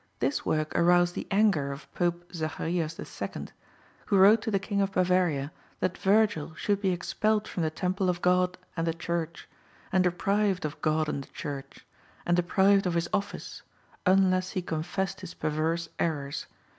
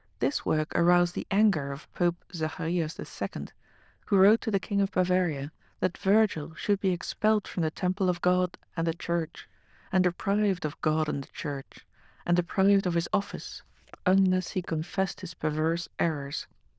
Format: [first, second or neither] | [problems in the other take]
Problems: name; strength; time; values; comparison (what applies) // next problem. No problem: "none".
first | noise reduction (neural diffusion model UNIVERSE++)